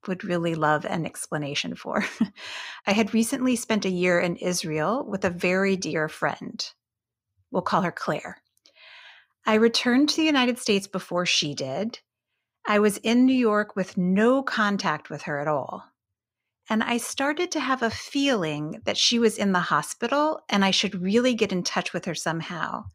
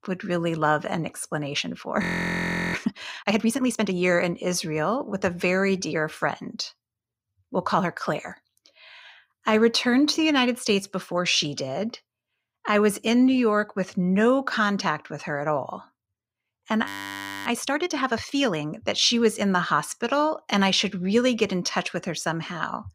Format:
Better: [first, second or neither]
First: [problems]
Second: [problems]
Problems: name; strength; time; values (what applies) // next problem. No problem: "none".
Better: first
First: none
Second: audio freezing; at 2 s for 0.5 s and at 17 s for 0.5 s